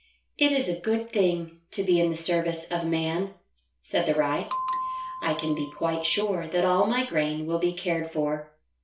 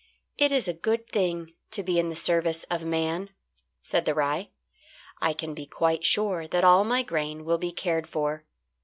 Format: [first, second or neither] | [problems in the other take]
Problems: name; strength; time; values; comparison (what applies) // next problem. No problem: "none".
second | background sound (Bell); 8 dB below the speech // room echo; dies away in 0.3 s